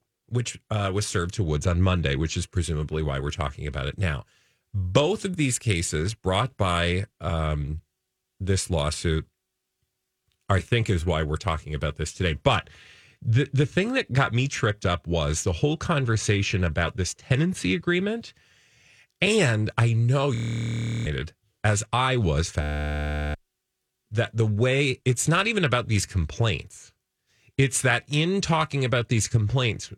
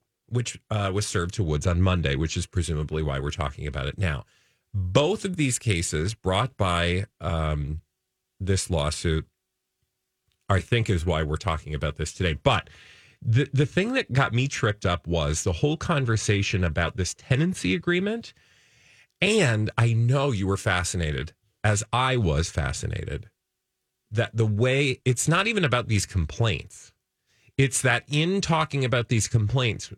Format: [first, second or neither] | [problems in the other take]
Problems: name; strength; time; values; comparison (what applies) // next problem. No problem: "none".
second | audio freezing; at 20 s for 0.5 s and at 23 s for 0.5 s